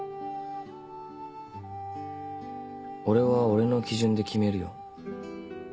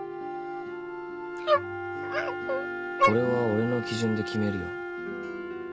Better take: first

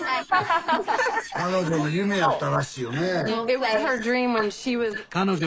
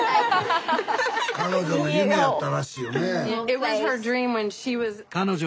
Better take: second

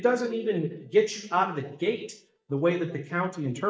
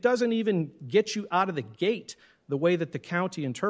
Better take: second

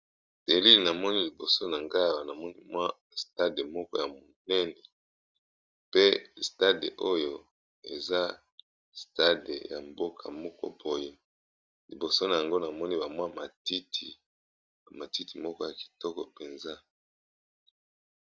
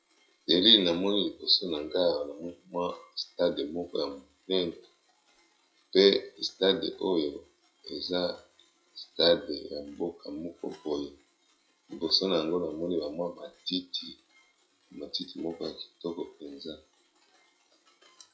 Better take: first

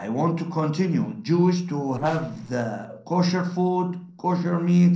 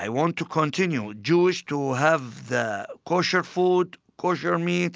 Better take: second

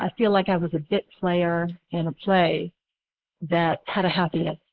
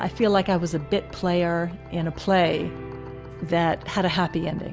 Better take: second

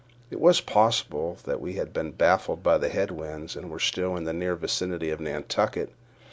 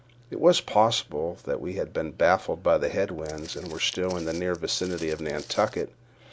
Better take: first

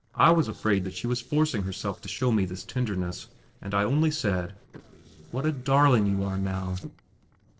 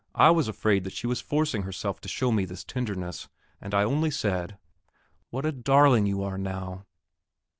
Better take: second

